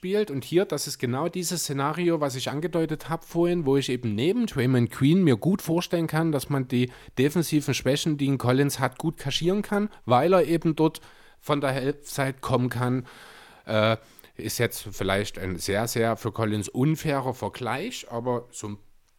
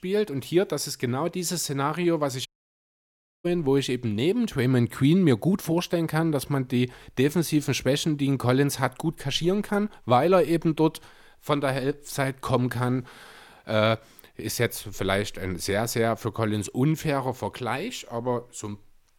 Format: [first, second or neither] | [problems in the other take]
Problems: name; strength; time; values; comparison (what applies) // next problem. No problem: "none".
first | audio cutting out; at 2.5 s for 1 s